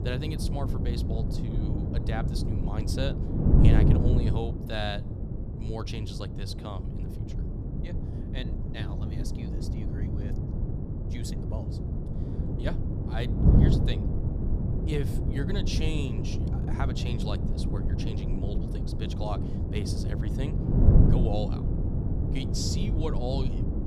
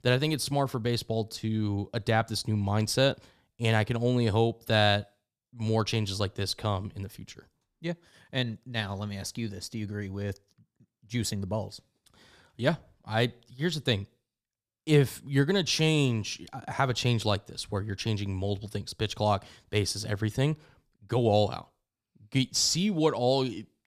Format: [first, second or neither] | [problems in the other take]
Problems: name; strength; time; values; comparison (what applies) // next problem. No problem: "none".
second | wind noise on the microphone; heavy; as loud as the speech